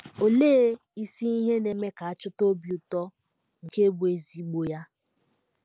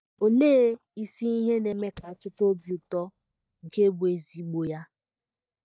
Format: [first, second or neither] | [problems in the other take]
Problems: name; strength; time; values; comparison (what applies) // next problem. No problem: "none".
first | noise reduction (neural mask model DeepFilterNet 3)